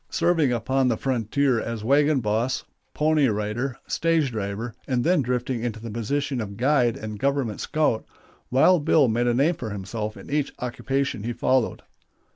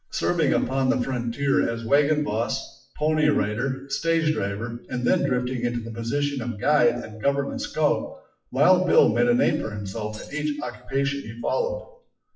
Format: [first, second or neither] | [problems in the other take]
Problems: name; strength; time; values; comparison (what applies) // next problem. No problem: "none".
first | noise reduction (classical method WPE with log-MMSE)